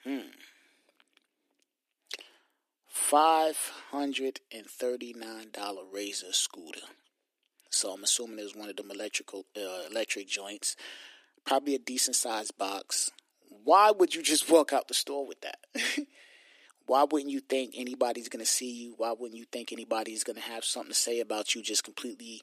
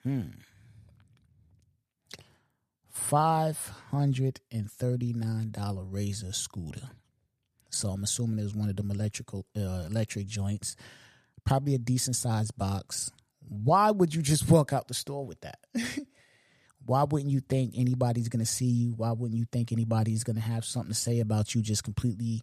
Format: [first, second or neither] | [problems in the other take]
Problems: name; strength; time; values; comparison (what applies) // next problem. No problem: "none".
second | thin; very; fading below 300 Hz